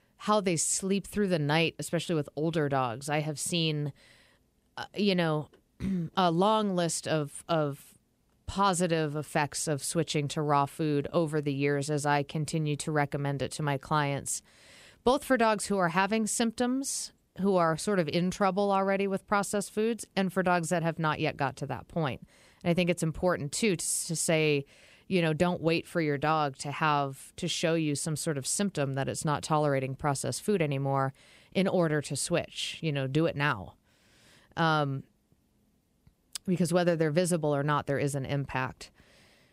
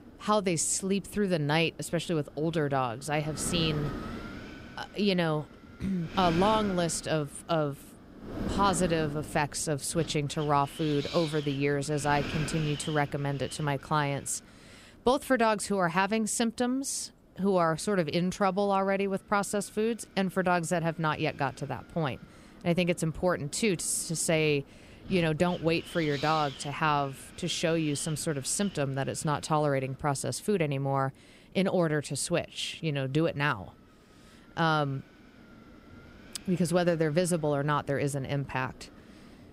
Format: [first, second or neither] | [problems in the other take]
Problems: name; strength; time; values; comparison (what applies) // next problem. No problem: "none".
first | wind noise on the microphone; occasional gusts; 15 dB below the speech